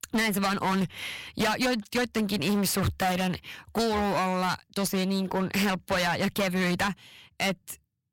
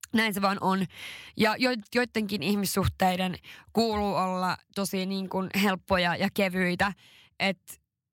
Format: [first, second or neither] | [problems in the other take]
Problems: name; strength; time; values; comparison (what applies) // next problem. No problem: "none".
second | distortion; heavy; 23% of the sound clipped